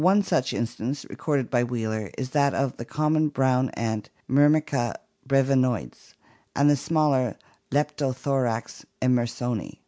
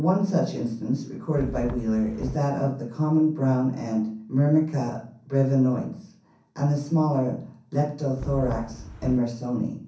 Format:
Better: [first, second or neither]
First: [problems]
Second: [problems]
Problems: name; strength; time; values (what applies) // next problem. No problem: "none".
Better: first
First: none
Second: background sound (Wind); 9 dB below the speech // room echo; dies away in 0.6 s